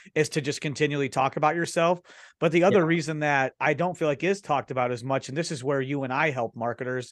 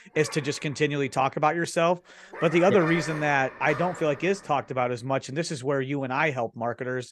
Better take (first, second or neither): first